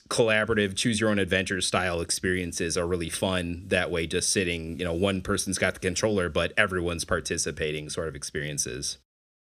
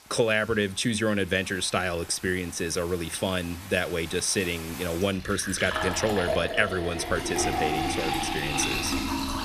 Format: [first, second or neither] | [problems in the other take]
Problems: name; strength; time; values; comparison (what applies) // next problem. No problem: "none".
first | household noises; loud; throughout; 3 dB below the speech